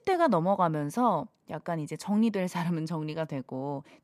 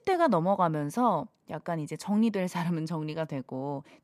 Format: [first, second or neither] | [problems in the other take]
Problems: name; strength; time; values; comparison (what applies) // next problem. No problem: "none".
neither | none